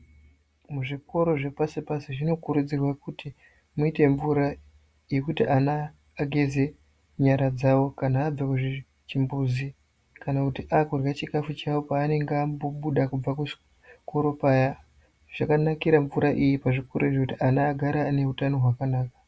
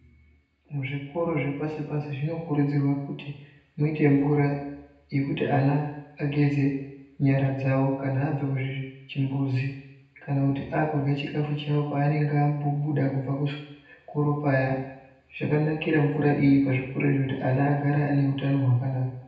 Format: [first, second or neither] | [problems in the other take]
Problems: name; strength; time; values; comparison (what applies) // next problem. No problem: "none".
first | room echo; dies away in 0.9 s